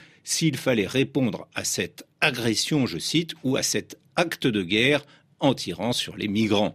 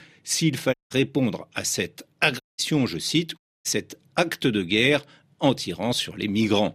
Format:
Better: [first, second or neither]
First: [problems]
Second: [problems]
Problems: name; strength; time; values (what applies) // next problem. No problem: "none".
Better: first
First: none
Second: audio cutting out; at 0.5 s, at 2.5 s and at 3.5 s